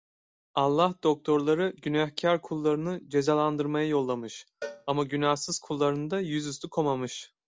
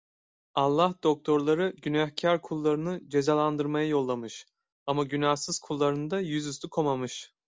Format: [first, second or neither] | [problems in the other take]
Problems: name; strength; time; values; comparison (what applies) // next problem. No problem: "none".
second | background sound (Cowbell); 19 dB below the speech